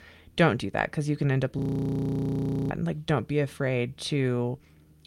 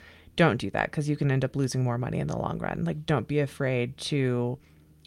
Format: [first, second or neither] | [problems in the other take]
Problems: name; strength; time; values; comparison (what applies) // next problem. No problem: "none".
second | audio freezing; at 1.5 s for 1 s